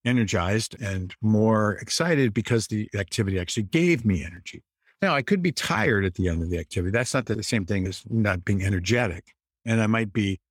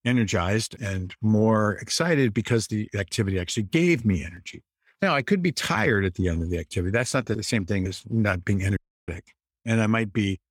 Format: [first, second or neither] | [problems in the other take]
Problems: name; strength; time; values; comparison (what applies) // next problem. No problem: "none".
first | audio cutting out; at 9 s